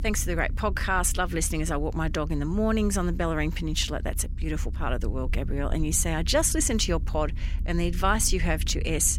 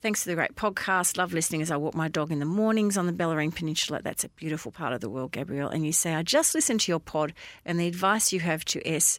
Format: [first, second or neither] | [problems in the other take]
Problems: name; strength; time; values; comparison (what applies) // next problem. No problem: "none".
second | low rumble; faint; throughout; 20 dB below the speech